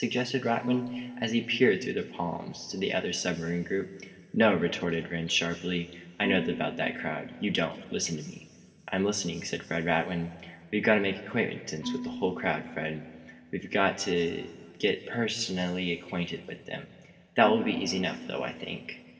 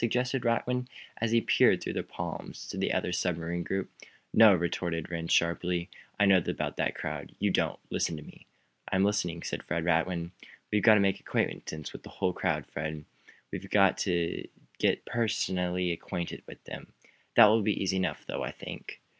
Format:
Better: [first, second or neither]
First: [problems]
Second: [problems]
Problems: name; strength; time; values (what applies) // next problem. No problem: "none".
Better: second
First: background sound (Marimba, xylophone / Wood); 14 dB below the speech // room echo; dies away in 2.1 s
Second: none